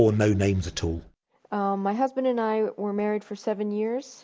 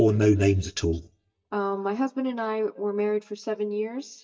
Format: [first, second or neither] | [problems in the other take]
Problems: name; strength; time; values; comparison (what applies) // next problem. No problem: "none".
first | noise reduction (neural mask model DeepFilterNet 3)